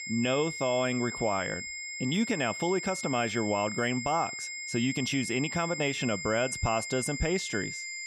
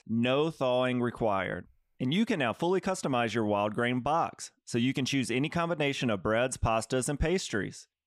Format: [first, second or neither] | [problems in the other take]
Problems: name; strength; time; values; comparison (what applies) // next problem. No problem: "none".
second | high-pitched whine; loud; throughout; 2 kHz, 6 dB below the speech